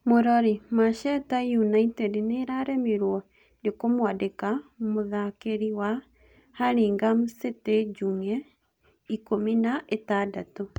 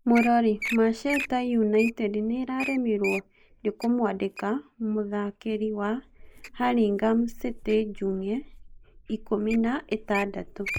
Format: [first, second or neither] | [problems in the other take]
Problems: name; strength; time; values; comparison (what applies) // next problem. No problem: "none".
first | noise reduction (neural mask model Resemble Enhance denoiser)